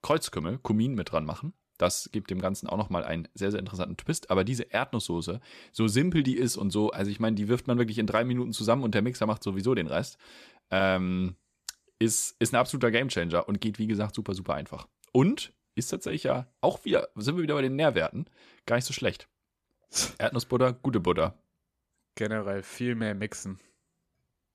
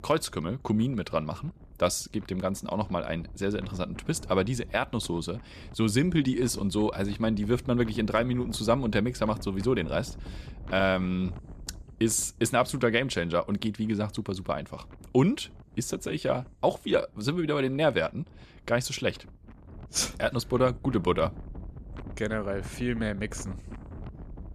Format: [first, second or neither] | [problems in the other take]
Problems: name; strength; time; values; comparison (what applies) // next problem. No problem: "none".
first | wind noise on the microphone; occasional gusts; 25 dB below the speech